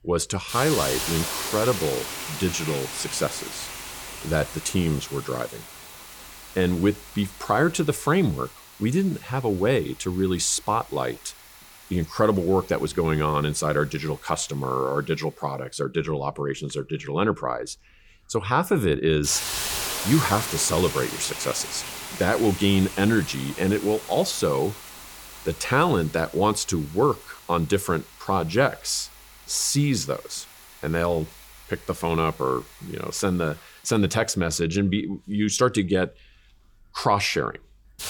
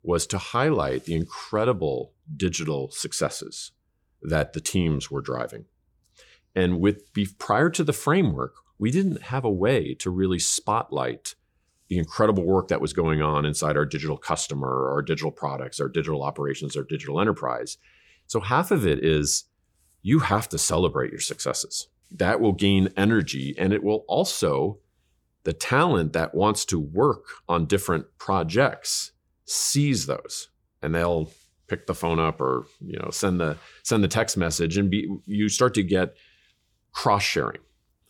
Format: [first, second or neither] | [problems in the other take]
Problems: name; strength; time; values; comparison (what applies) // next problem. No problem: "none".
second | hiss; loud; throughout; 9 dB below the speech